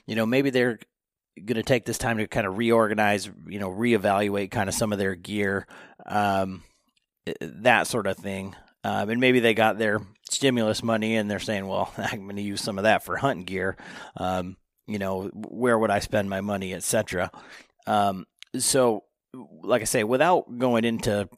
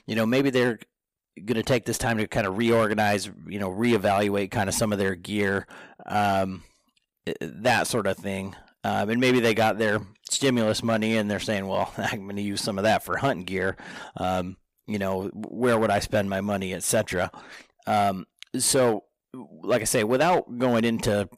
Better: first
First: none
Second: distortion; slight; 4% of the sound clipped

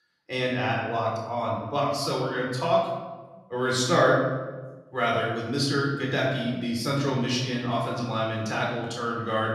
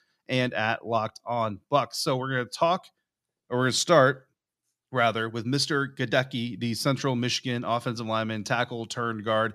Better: second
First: off-mic speech; far // room echo; noticeable; dies away in 1.2 s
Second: none

